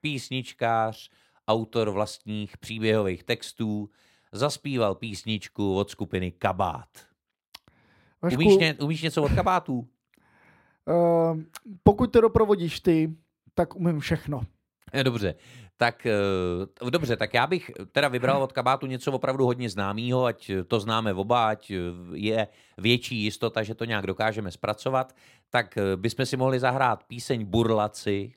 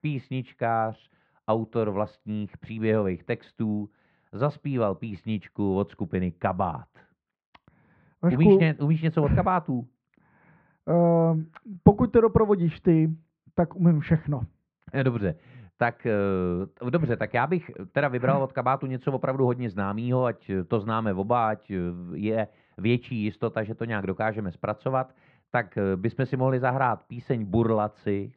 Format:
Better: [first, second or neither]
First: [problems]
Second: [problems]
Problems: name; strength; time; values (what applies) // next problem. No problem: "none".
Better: first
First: none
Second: muffled; very; fading above 2 kHz